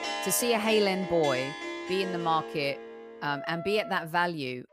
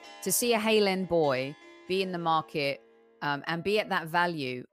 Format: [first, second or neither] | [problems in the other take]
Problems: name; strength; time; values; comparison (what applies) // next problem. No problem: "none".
second | background music; loud; throughout; 9 dB below the speech; faint in the second